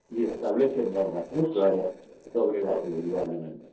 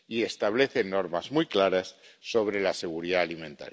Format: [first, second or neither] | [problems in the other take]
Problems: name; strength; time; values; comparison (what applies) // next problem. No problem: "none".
second | noise reduction (neural separator model SepFormer DNS4)